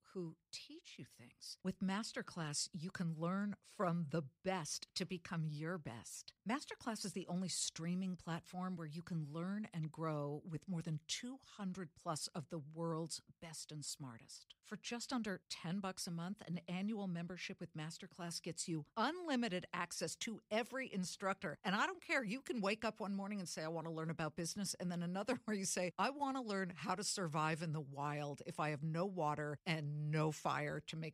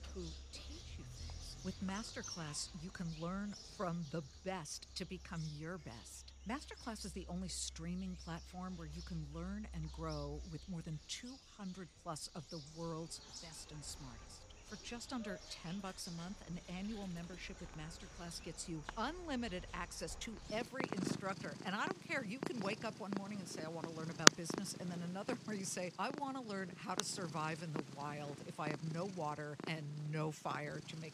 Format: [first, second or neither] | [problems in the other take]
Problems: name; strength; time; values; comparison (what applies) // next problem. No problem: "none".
first | animal sounds; very loud; throughout; 1 dB above the speech